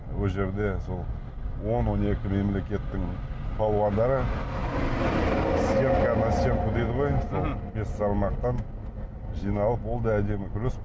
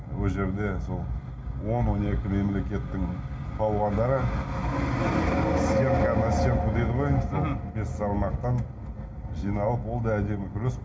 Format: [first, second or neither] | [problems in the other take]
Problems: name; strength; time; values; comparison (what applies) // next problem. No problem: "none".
first | room echo; dies away in 0.4 s